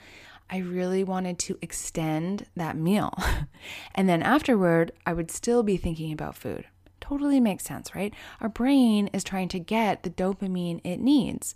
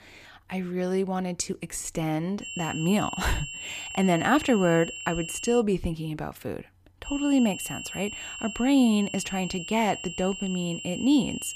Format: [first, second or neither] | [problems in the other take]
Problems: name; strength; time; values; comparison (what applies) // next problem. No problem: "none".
first | high-pitched whine; loud; from 2.5 to 5.5 s and from 7 s on; 3 kHz, 9 dB below the speech